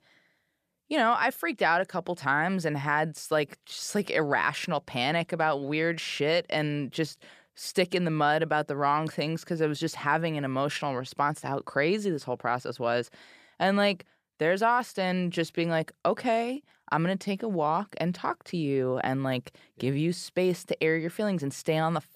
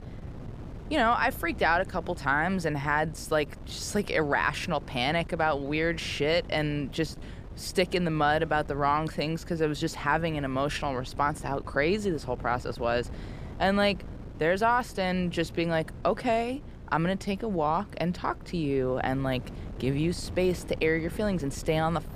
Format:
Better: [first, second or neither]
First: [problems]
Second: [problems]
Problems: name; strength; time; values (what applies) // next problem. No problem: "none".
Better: first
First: none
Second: wind noise on the microphone; occasional gusts; 20 dB below the speech